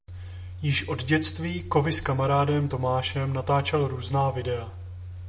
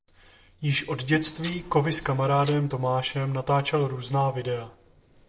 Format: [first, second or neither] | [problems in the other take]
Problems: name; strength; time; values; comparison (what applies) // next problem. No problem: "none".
first | noise reduction (neural separator model SepFormer DNS4)